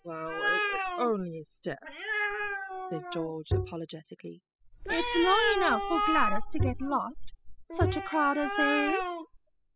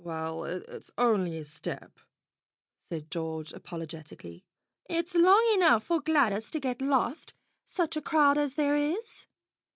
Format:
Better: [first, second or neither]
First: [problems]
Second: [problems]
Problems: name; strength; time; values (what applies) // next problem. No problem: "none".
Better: second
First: noise reduction (classical method spectral subtraction)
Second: none